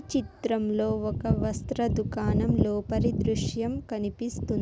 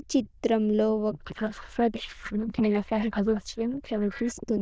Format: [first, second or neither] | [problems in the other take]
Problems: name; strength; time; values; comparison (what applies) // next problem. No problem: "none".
first | noise reduction (neural diffusion model UNIVERSE++)